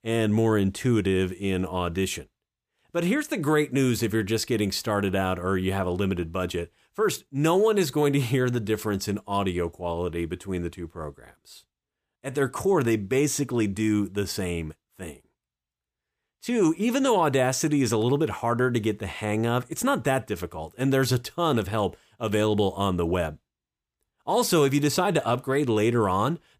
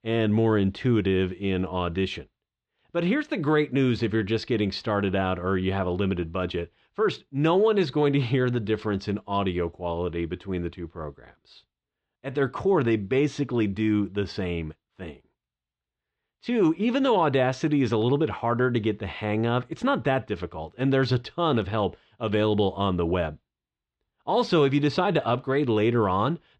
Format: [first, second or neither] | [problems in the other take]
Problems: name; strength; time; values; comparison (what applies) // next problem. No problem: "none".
first | muffled; slightly; fading above 4 kHz